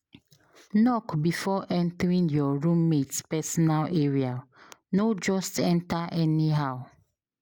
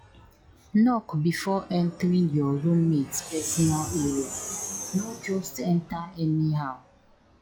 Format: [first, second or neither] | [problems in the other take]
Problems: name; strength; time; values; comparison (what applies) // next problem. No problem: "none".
first | noise reduction (classical method log-MMSE)